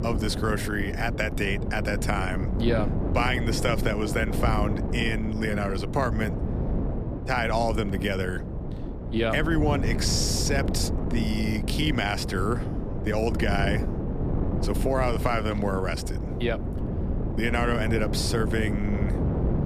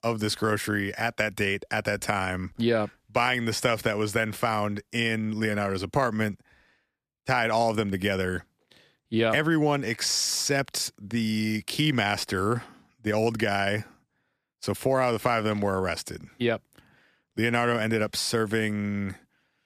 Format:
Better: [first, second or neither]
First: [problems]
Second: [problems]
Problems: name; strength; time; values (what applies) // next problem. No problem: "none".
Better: second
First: wind noise on the microphone; heavy; 8 dB below the speech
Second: none